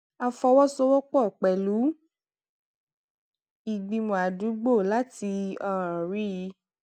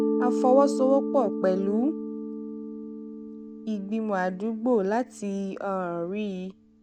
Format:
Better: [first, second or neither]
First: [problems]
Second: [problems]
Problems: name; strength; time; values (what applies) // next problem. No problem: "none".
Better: first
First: none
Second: background sound (Mallet percussion); 5 dB below the speech